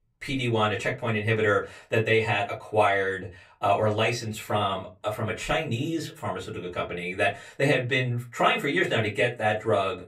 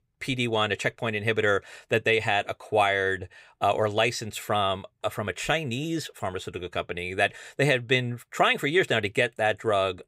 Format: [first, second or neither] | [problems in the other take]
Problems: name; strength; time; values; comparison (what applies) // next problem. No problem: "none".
second | off-mic speech; far // room echo; very slight; dies away in 0.2 s